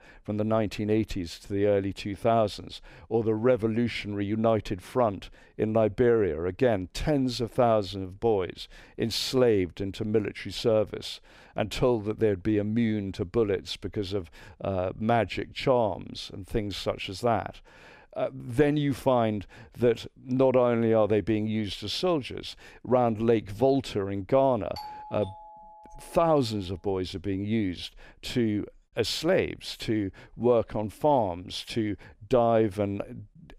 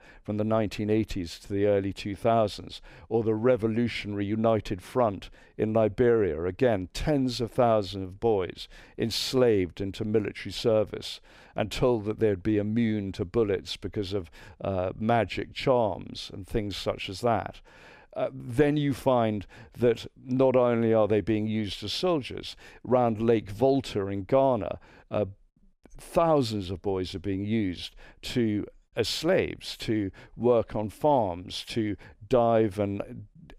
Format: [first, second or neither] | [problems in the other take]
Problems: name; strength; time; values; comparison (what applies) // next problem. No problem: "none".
second | doorbell; faint; from 25 to 26 s; peak 15 dB below the speech